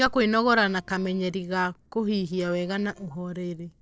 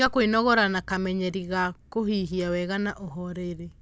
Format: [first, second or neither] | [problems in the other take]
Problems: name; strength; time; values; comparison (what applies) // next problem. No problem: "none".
second | noise reduction (neural separator model SepFormer DNS4)